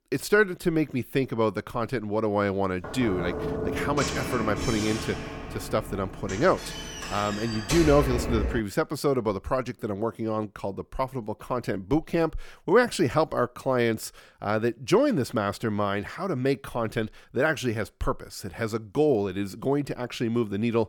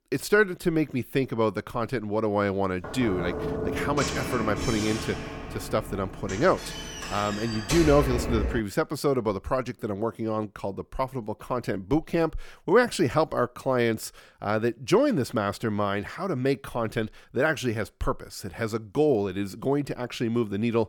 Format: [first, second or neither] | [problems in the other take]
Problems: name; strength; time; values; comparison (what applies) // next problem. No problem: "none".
neither | door banging; noticeable; from 3 to 8.5 s; peak 1 dB below the speech; the same in both